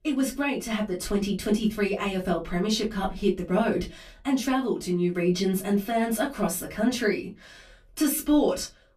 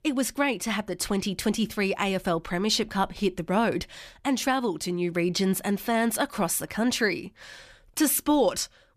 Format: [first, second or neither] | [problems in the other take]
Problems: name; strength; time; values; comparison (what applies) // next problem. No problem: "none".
second | off-mic speech; far // room echo; very slight; dies away in 0.2 s